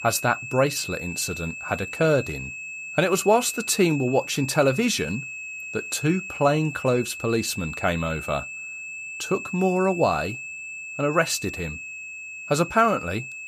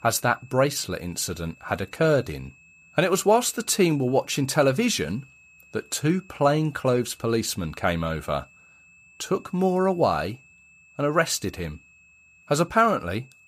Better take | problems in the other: second | high-pitched whine; loud; throughout; 2.5 kHz, 9 dB below the speech; faint in the second

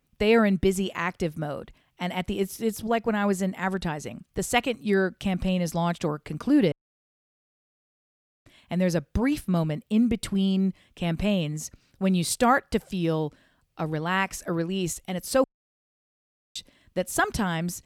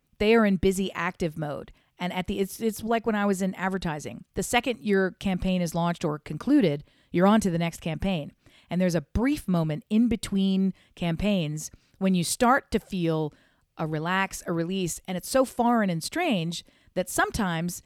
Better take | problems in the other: second | audio cutting out; at 6.5 s for 1.5 s and at 15 s for 1 s

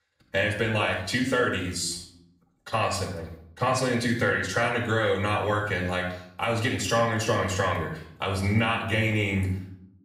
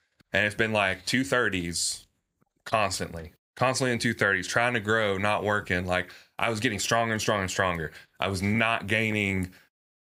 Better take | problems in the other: second | off-mic speech; far // room echo; noticeable; dies away in 0.6 s

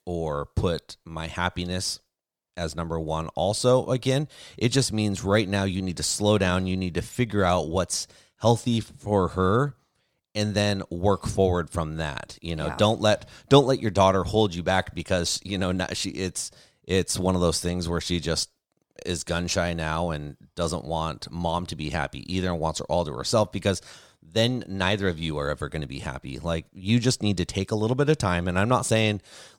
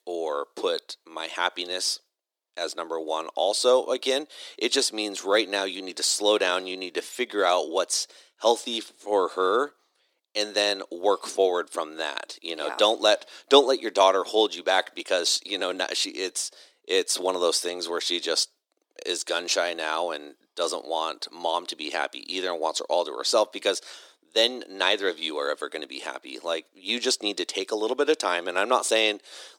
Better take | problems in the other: first | thin; very; fading below 300 Hz

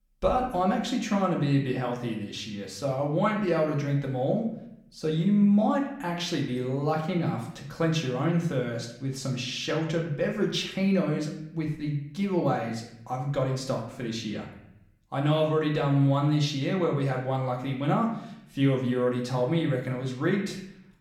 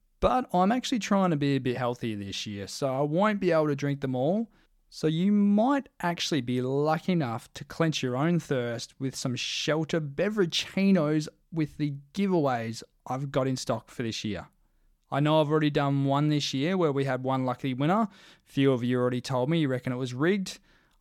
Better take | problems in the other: second | room echo; slight; dies away in 0.7 s // off-mic speech; far

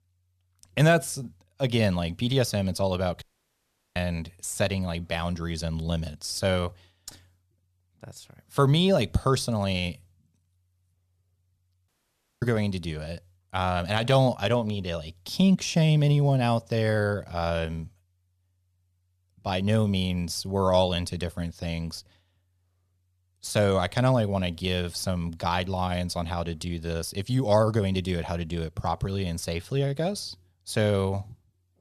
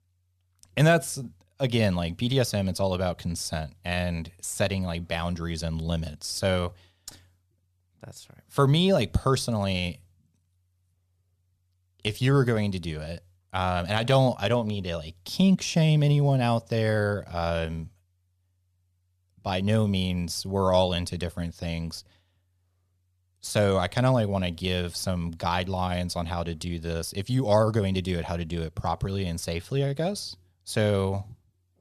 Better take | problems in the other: second | audio cutting out; at 3 s for 0.5 s and at 12 s for 0.5 s

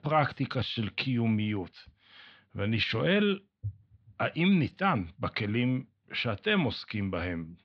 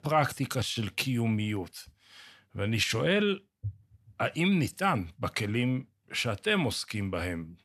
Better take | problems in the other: second | muffled; very slightly; fading above 4 kHz

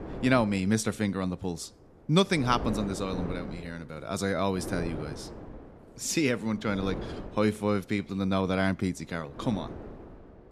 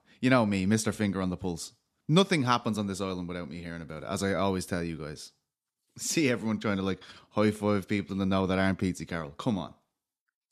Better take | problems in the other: second | wind noise on the microphone; occasional gusts; 10 dB below the speech

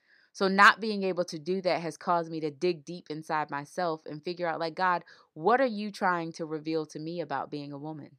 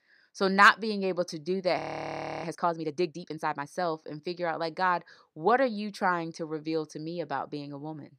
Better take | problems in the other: first | audio freezing; at 2 s for 0.5 s

